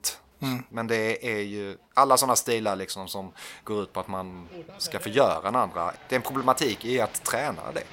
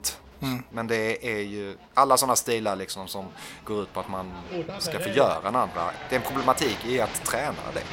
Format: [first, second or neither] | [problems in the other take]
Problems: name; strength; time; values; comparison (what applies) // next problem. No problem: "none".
first | crowd noise; loud; throughout; 10 dB below the speech; faint in the first